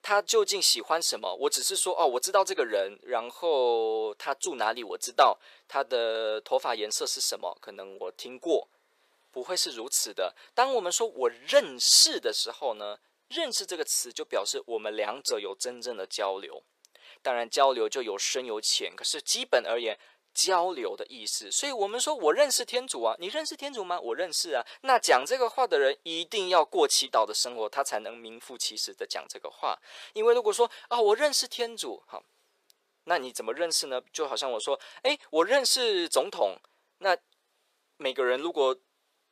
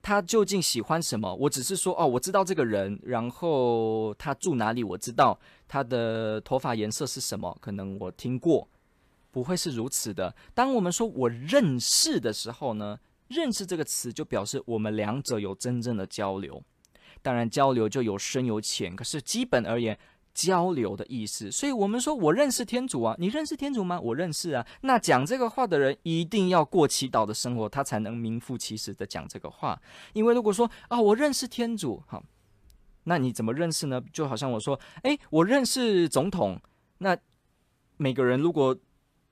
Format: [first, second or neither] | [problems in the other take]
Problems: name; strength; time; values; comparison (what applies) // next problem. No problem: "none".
second | thin; very; fading below 450 Hz